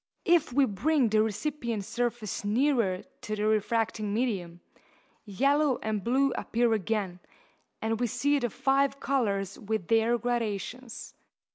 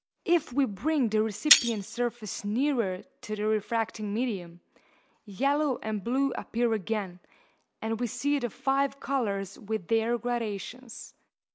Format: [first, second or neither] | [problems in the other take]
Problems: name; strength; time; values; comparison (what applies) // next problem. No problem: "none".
first | background sound (Shatter); 1 dB below the speech